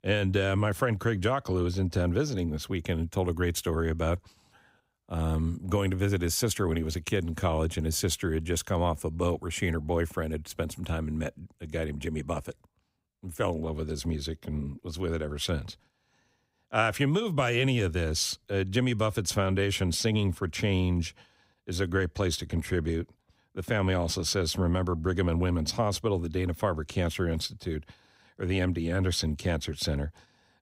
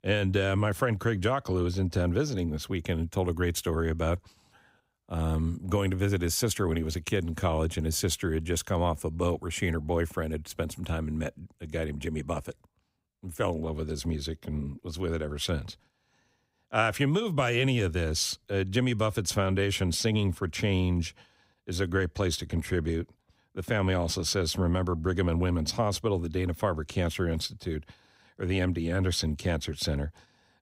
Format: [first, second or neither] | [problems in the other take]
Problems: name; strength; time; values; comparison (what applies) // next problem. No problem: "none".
neither | none